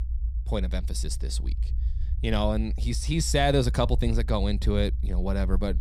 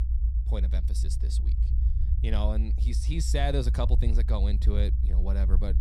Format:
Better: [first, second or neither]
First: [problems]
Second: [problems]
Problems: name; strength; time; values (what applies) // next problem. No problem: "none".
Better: first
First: low rumble; faint; throughout; 20 dB below the speech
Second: low rumble; loud; throughout; 9 dB below the speech